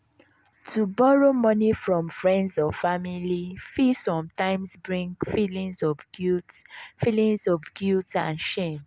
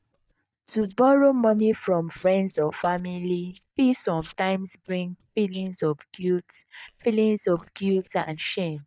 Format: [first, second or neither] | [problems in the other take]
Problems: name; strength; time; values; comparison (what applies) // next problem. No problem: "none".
first | noise reduction (neural mask model DeepFilterNet 3)